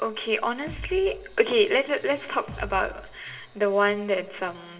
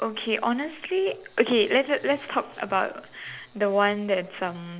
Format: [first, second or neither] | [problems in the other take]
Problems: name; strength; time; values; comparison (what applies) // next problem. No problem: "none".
second | background sound (Bass drum); 16 dB below the speech // room echo; dies away in 1.2 s